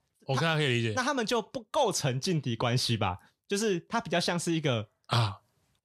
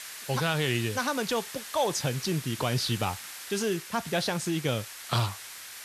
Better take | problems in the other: first | hiss; loud; throughout; 10 dB below the speech

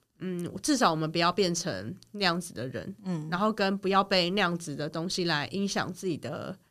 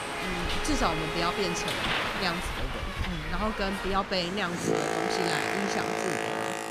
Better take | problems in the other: first | train or aircraft noise; very loud; throughout; 2 dB above the speech

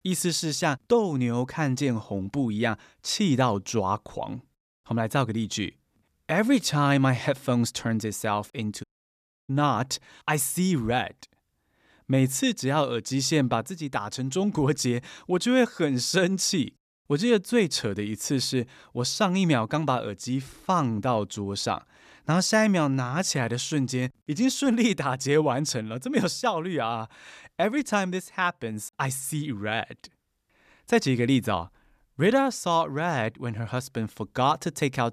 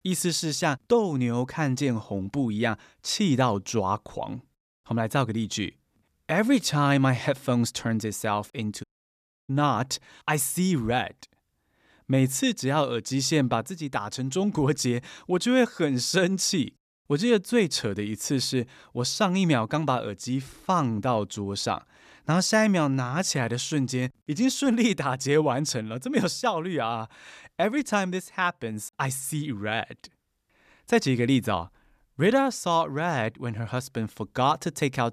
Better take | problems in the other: neither | audio cutting out; at 9 s for 0.5 s; the same in both

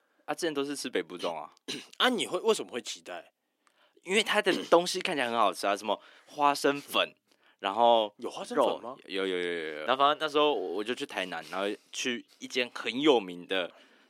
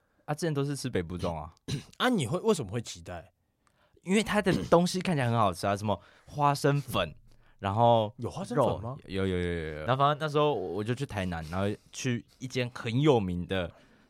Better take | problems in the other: second | thin; somewhat; fading below 300 Hz

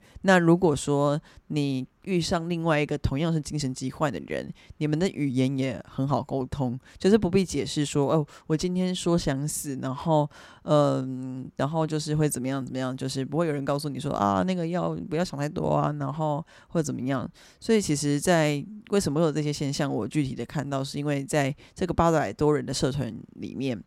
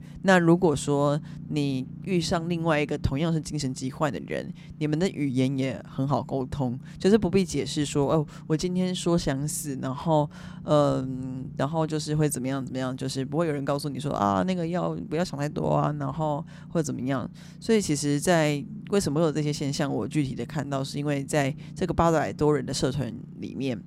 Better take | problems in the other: first | low rumble; faint; throughout; 25 dB below the speech

